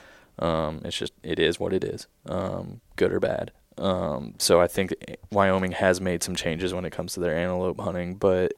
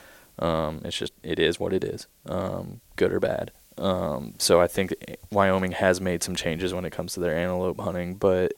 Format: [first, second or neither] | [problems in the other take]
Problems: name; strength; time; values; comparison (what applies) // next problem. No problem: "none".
first | hiss; faint; throughout; 30 dB below the speech